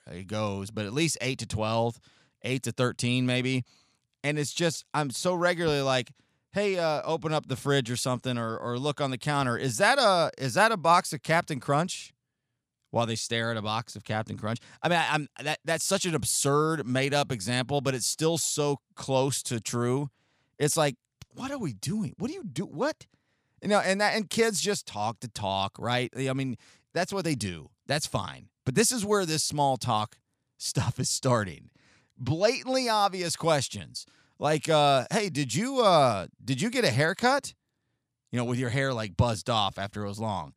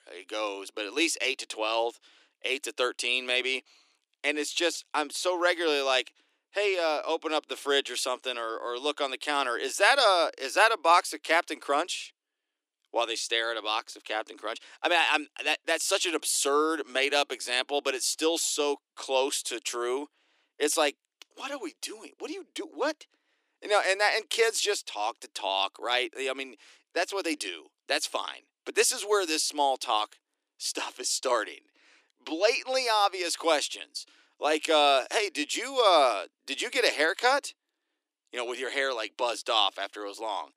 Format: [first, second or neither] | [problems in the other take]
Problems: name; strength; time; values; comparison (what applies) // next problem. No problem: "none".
first | thin; very; fading below 300 Hz